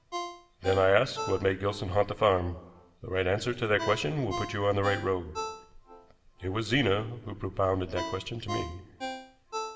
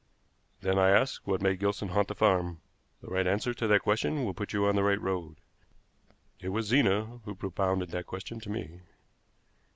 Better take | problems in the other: second | background sound (Ringtone); 11 dB below the speech // room echo; dies away in 1 s

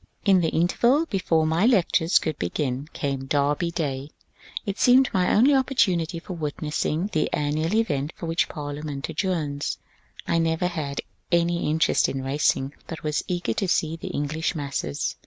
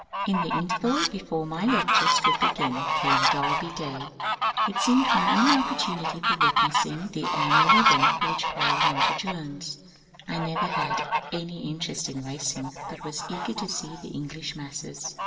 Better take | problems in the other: first | background sound (Fowl); 4 dB above the speech // room echo; dies away in 2.7 s

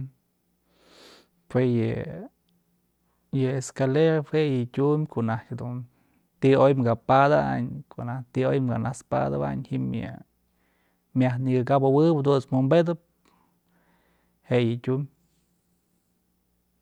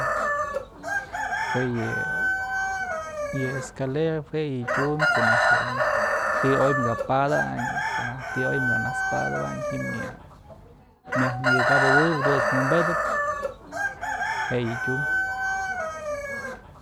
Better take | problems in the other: first | background sound (Chicken, rooster); 3 dB above the speech

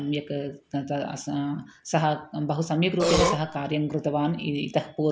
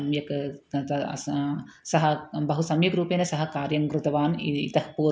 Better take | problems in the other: second | background sound (Burping, eructation); 3 dB above the speech

